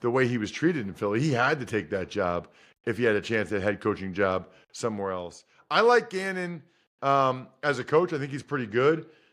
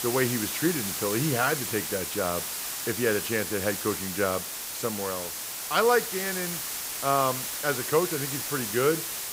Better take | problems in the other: first | hiss; loud; throughout; 2 dB below the speech

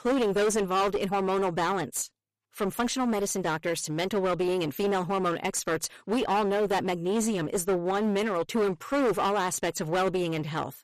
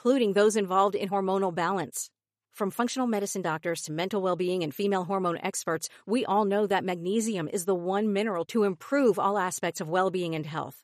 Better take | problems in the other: second | distortion; heavy; 17% of the sound clipped

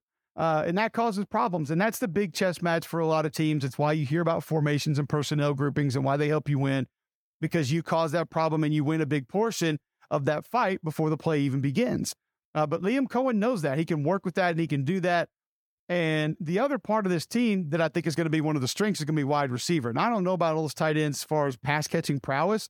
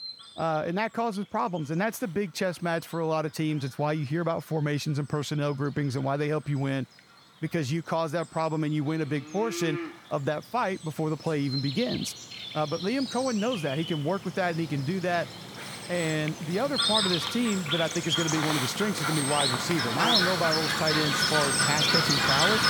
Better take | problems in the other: first | animal sounds; very loud; throughout; 2 dB above the speech

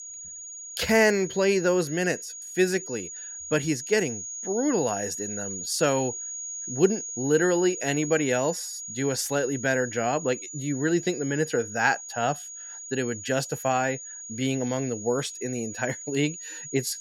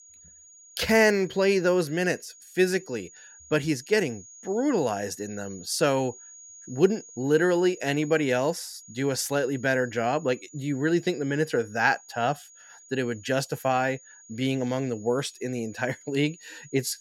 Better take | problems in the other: second | high-pitched whine; loud; throughout; 6.5 kHz, 8 dB below the speech; faint in the second

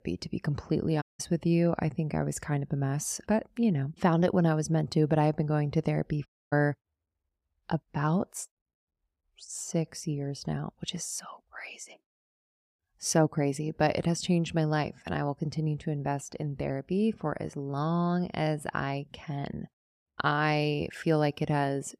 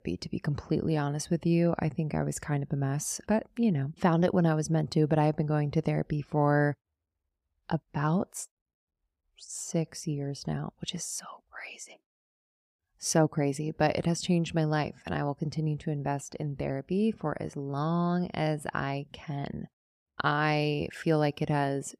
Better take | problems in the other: second | audio cutting out; at 1 s and at 6.5 s

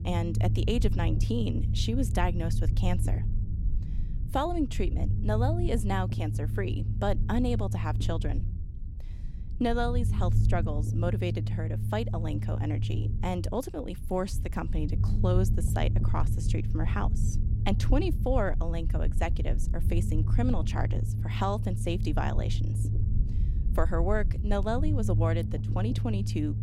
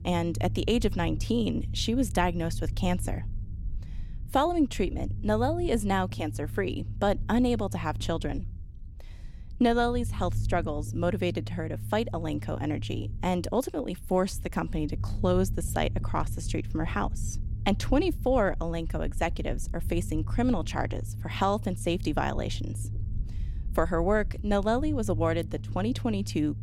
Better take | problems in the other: second | low rumble; loud; throughout; 10 dB below the speech; faint in the second

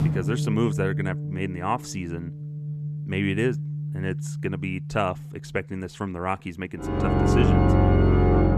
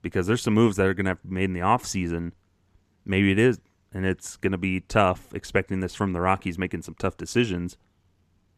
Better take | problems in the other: second | background music; very loud; throughout; 4 dB above the speech

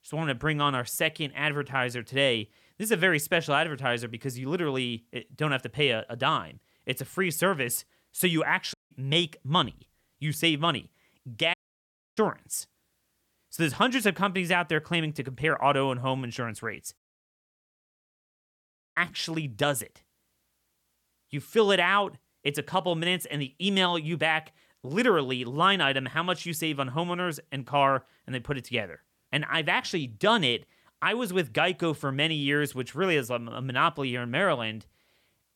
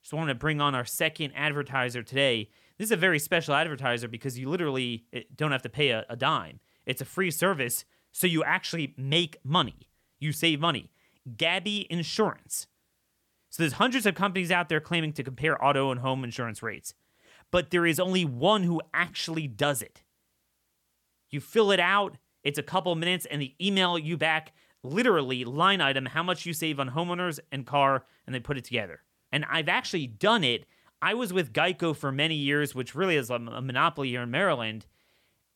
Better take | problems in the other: second | audio cutting out; at 8.5 s, at 12 s for 0.5 s and at 17 s for 2 s

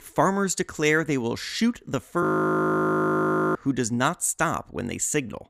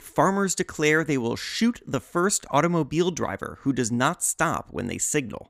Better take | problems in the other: second | audio freezing; at 2 s for 1.5 s

